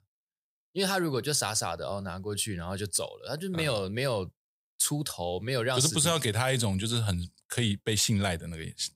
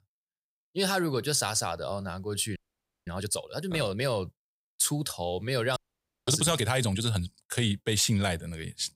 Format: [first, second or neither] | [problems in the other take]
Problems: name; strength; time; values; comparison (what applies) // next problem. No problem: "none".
first | audio freezing; at 2.5 s for 0.5 s and at 6 s for 0.5 s